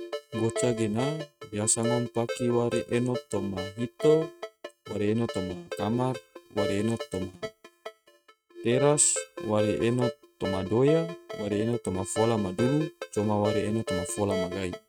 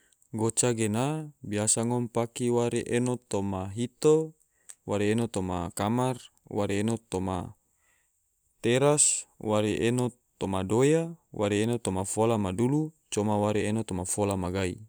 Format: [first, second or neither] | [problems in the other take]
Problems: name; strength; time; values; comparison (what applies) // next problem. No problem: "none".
second | noise reduction (neural mask model RNNoise)